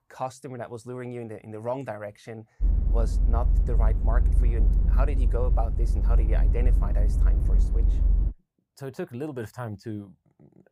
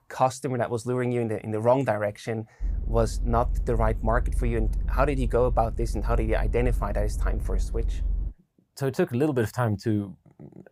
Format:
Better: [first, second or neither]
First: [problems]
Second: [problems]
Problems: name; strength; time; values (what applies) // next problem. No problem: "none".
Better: second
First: low rumble; loud; from 2.5 to 8.5 s; 8 dB below the speech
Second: low rumble; faint; from 2.5 to 8.5 s; 25 dB below the speech